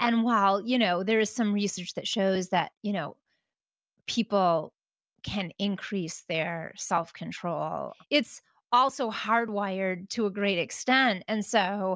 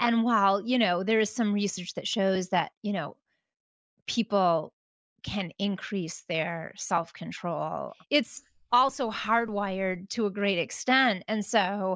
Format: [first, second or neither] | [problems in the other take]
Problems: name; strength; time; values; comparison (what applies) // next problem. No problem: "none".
first | noise reduction (neural mask model Resemble Enhance denoiser)